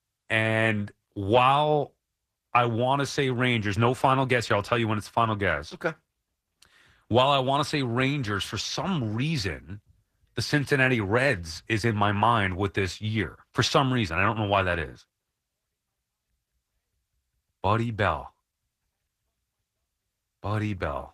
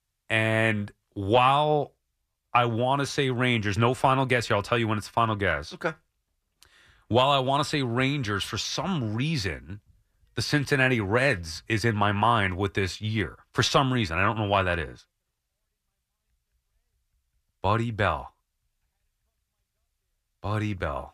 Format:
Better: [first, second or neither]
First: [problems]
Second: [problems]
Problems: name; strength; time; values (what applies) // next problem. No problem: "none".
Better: second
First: garbled, watery; slightly; nothing above 14.5 kHz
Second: none